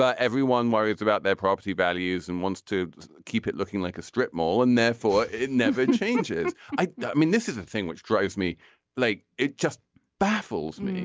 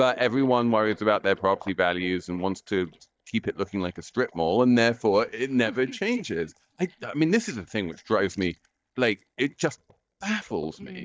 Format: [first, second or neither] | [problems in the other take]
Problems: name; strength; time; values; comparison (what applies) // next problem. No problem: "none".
first | noise reduction (neural mask model DeepFilterNet 3)